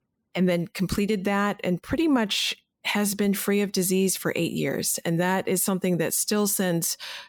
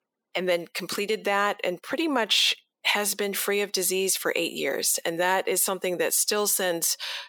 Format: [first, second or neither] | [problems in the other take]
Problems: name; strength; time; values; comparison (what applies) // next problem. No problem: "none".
first | thin; somewhat; fading below 500 Hz